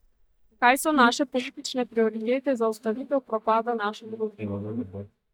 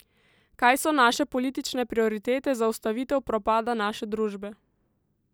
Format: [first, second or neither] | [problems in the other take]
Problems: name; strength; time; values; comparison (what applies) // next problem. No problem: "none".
second | noise reduction (neural mask model DeepFilterNet 3)